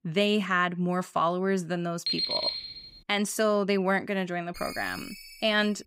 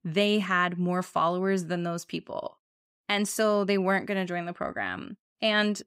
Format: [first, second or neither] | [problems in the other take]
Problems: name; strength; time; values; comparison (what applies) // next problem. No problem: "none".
second | alarm; loud; at 2 s; peak 1 dB above the speech // phone ringing; faint; from 4.5 s on; peak 10 dB below the speech